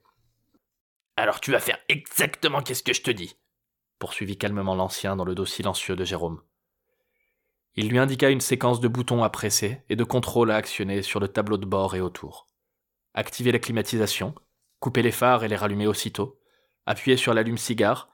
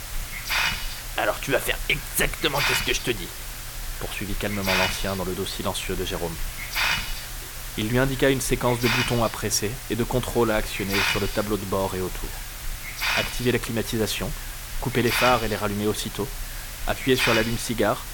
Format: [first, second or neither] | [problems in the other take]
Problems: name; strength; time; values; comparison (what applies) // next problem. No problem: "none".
first | hiss; loud; throughout; 3 dB below the speech